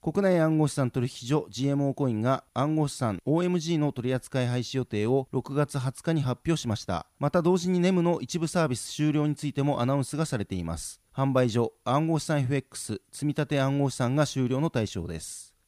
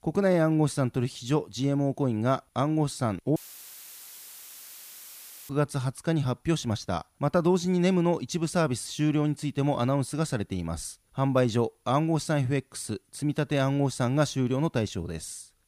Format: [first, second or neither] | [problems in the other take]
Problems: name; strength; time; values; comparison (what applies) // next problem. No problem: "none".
first | audio cutting out; filled with static; at 3.5 s for 2 s